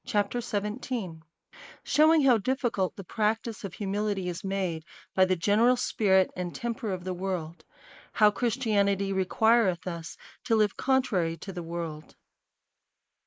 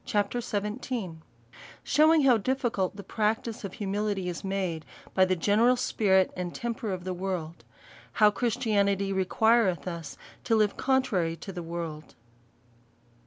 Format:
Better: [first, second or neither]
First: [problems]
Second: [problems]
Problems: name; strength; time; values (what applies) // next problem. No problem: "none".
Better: second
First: noise reduction (neural mask model Resemble Enhance denoiser)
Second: none